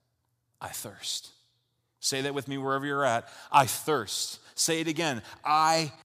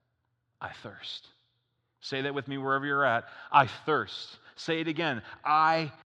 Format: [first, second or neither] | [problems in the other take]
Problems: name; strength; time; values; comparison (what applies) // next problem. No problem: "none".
first | muffled; slightly; fading above 3.5 kHz